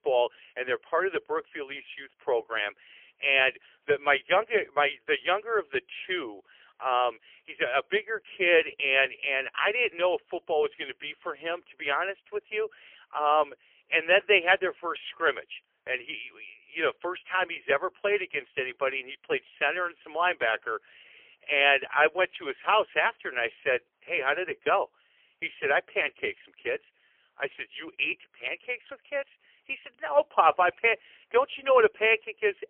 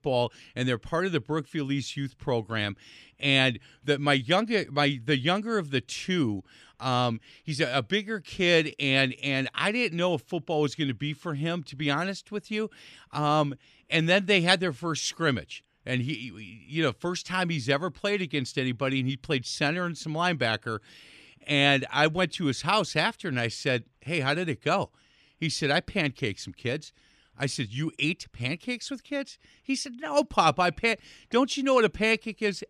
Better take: second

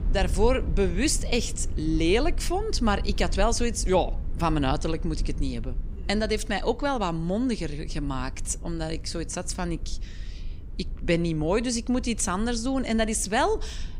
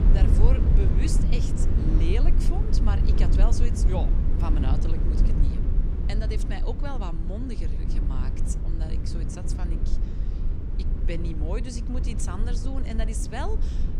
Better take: first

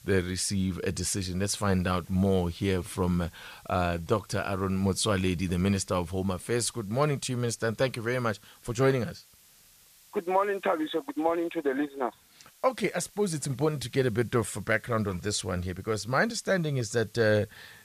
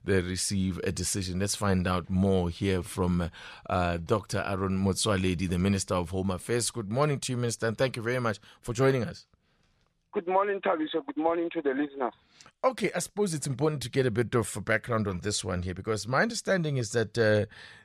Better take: second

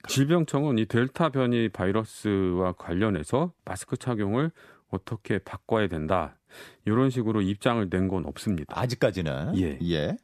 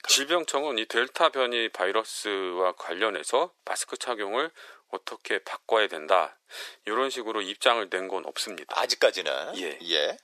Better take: first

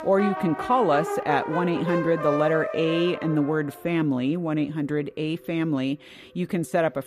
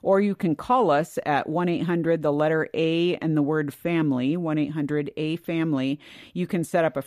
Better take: second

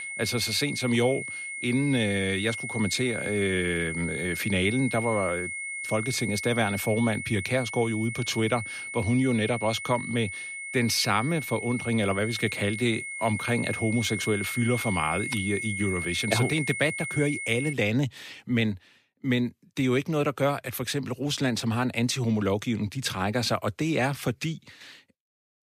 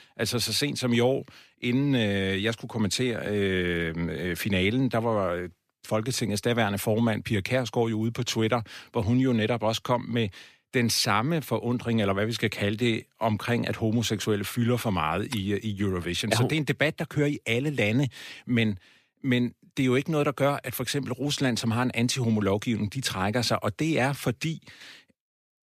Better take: second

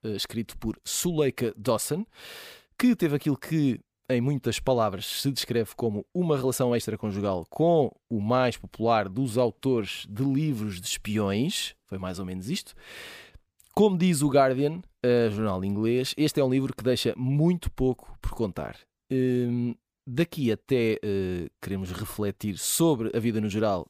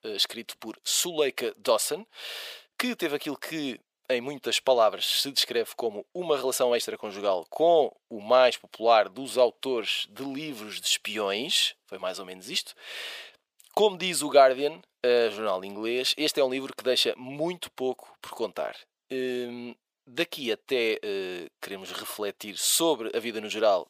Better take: first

